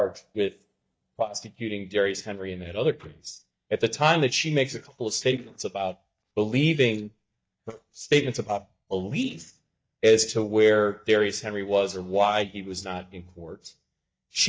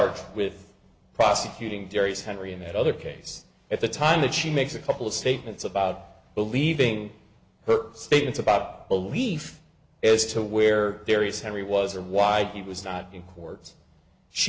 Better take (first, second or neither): second